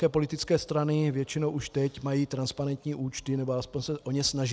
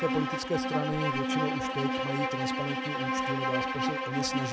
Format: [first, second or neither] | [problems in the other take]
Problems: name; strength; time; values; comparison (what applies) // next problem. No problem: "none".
first | background sound (Bowed string instrument); 3 dB above the speech